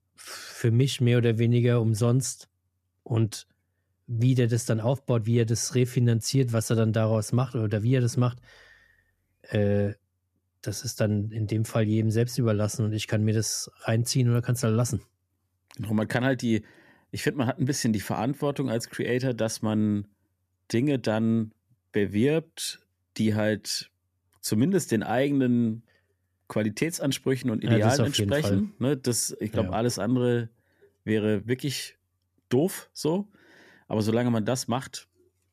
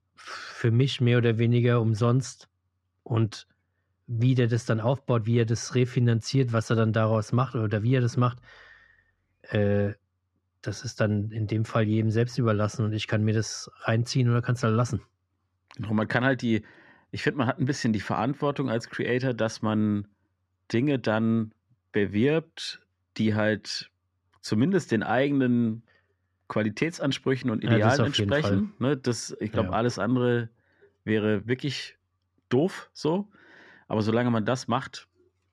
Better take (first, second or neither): first